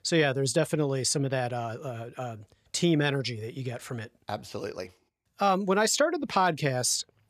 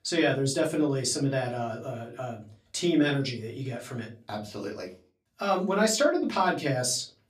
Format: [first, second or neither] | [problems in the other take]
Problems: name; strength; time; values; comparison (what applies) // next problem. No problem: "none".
first | off-mic speech; far // room echo; very slight; dies away in 0.3 s